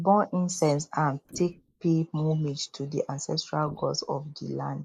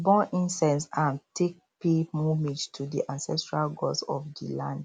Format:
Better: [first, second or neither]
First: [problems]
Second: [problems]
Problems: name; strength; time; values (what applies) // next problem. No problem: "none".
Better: second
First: noise reduction (neural mask model Resemble Enhance denoiser)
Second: none